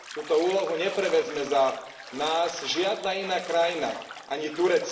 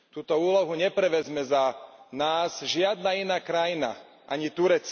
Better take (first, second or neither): second